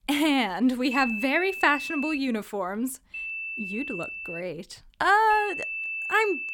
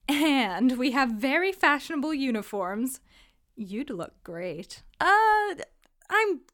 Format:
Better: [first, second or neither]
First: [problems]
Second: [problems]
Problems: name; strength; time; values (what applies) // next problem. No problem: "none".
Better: second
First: high-pitched whine; loud; from 1 to 2 s, from 3 to 4.5 s and from 5.5 s on; 2.5 kHz, 7 dB below the speech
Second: none